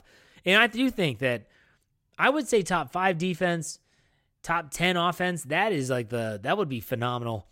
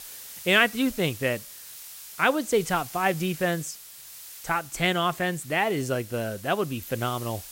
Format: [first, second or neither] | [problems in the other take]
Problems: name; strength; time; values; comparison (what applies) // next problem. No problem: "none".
first | hiss; noticeable; throughout; 15 dB below the speech